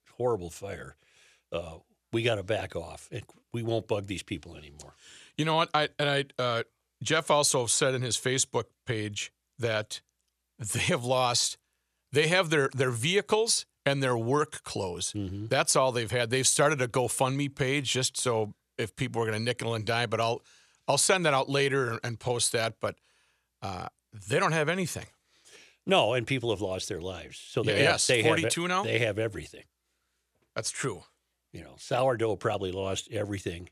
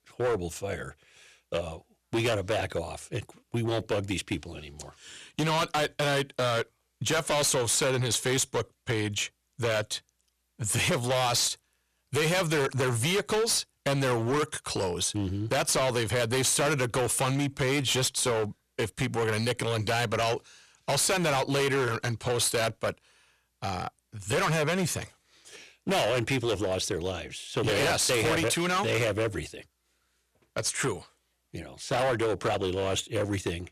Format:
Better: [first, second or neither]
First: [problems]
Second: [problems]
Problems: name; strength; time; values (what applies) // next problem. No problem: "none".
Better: first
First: none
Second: distortion; heavy; 16% of the sound clipped